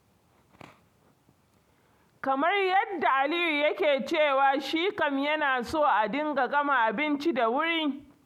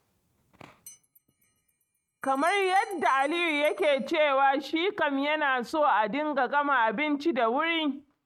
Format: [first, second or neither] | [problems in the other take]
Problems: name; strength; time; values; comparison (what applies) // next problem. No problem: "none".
first | noise reduction (neural mask model RNNoise)